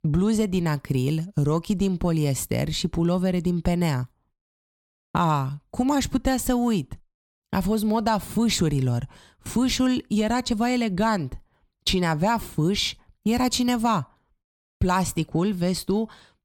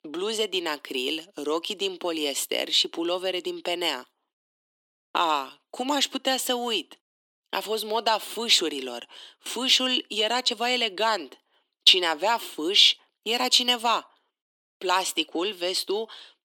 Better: first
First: none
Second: thin; very; fading below 300 Hz

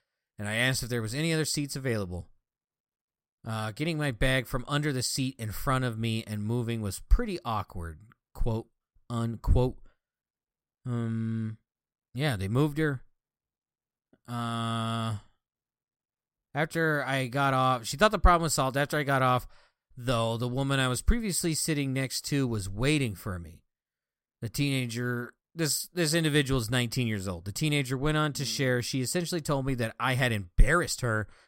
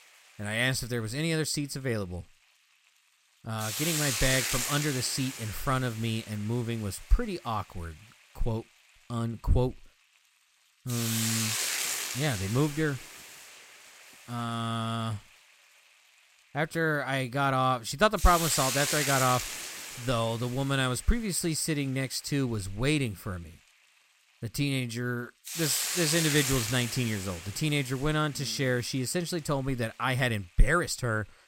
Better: first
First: none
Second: hiss; loud; throughout; 2 dB below the speech

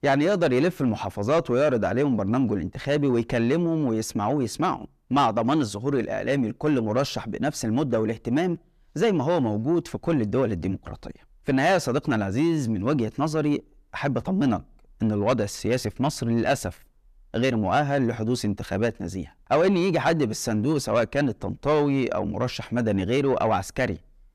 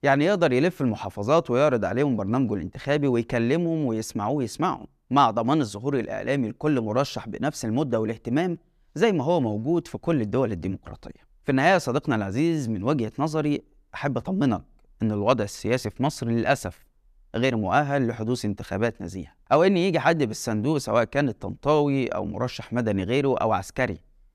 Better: second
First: distortion; slight; 10 dB below the speech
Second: none

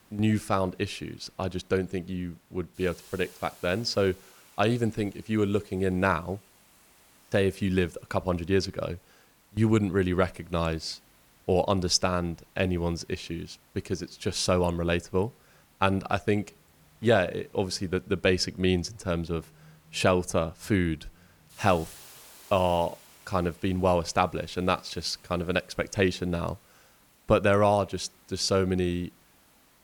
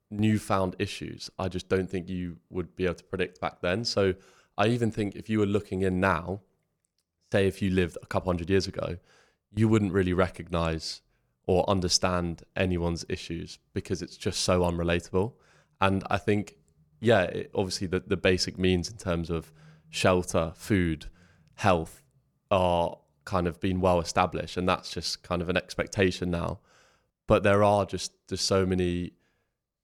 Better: second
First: hiss; faint; throughout; 25 dB below the speech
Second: none

